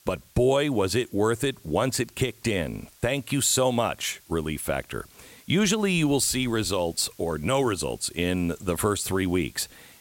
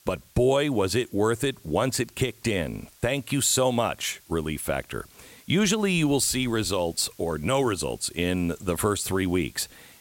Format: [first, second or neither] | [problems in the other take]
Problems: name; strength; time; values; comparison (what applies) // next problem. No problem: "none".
neither | hiss; faint; throughout; 25 dB below the speech; the same in both